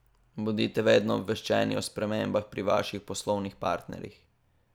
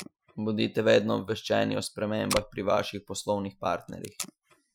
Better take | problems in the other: first | noise reduction (classical method Wiener filter)

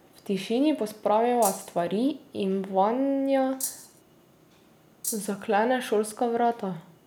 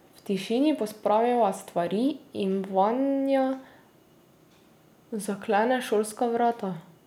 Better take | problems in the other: second | background sound (Rattle (instrument)); 8 dB below the speech

